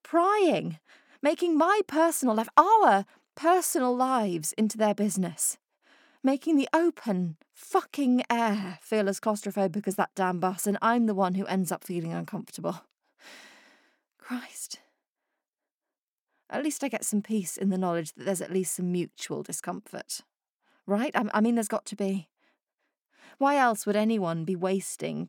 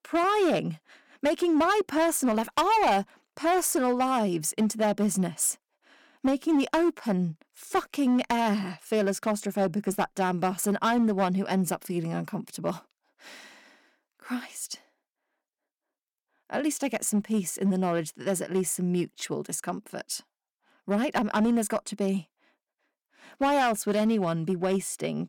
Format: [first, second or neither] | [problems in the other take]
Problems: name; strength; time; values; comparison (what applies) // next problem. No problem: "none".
first | distortion; slight; 6% of the sound clipped